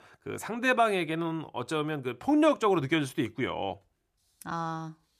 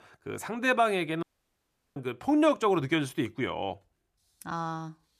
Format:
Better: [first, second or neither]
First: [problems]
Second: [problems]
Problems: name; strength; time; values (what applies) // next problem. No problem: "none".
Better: first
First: none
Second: audio cutting out; at 1 s for 0.5 s